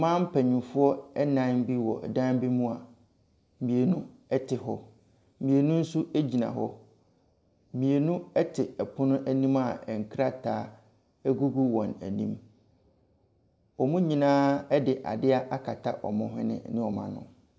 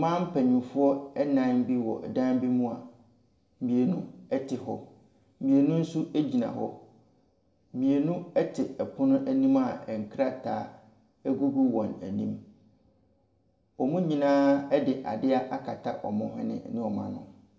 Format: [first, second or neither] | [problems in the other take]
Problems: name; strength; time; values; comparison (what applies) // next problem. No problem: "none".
first | room echo; dies away in 0.6 s